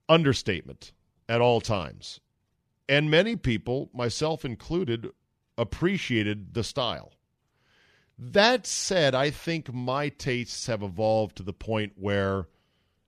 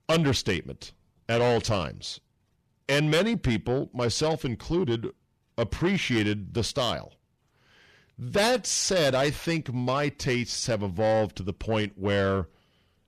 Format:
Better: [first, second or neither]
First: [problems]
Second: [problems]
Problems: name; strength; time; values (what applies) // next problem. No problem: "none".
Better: first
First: none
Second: distortion; heavy; 8 dB below the speech